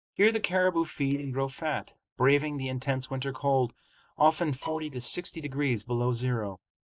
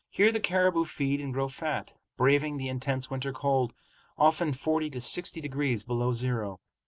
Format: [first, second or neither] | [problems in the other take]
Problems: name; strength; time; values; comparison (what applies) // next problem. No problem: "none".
second | noise reduction (neural mask model DeepFilterNet 3)